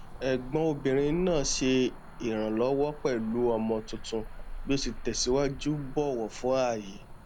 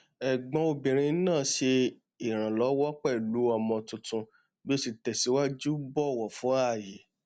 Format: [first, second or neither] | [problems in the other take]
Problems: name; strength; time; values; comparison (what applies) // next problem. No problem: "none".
second | background sound (Cricket / Motor vehicle (road)); 11 dB below the speech